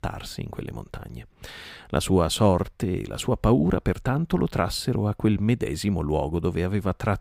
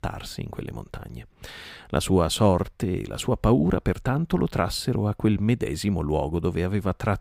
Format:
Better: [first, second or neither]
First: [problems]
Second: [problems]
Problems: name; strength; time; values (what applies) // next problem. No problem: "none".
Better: neither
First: none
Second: none